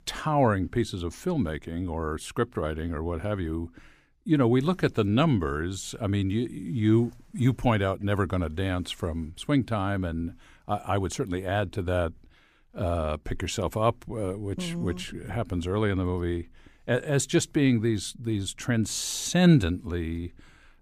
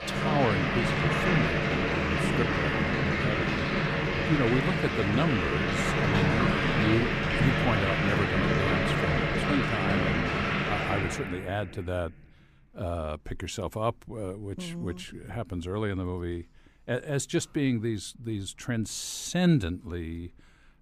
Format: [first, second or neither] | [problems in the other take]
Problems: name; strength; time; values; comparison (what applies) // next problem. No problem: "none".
first | household noises; very loud; throughout; 5 dB above the speech